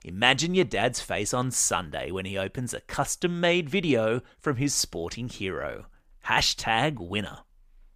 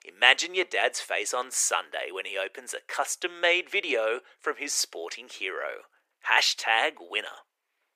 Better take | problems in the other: first | thin; very; fading below 400 Hz

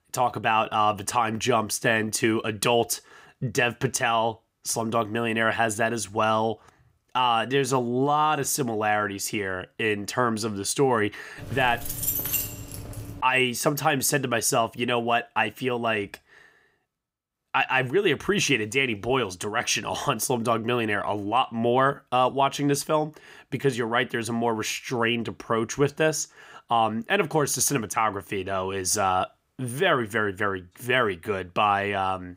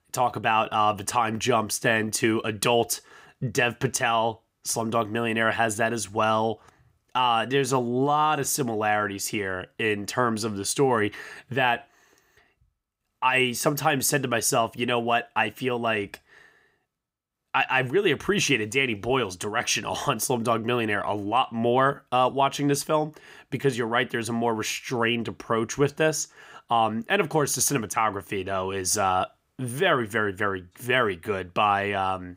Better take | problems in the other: second | jangling keys; loud; from 11 to 13 s; peak 1 dB above the speech

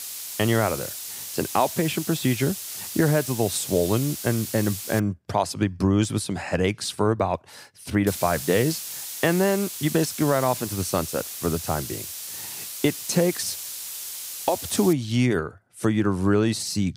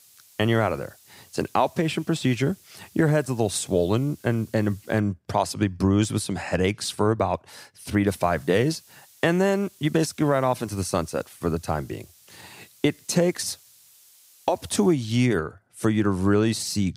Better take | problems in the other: second | hiss; loud; until 5 s and from 8 to 15 s; 7 dB below the speech; faint in the second

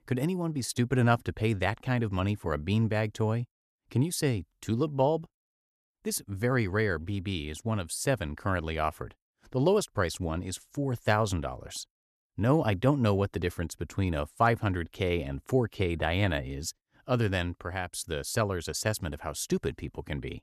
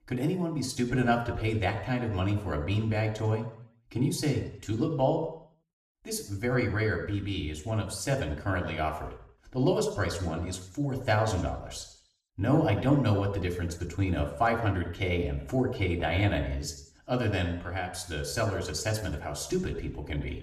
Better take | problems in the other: first | room echo; slight; dies away in 0.7 s // off-mic speech; somewhat distant

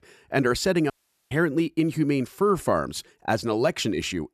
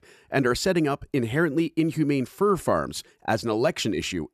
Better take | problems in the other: second | audio cutting out; at 1 s

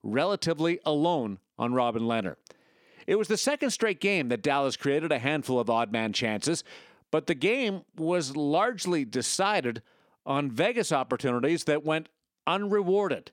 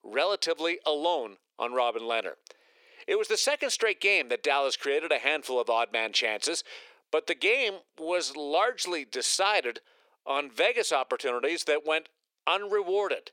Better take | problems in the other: first | thin; very; fading below 450 Hz

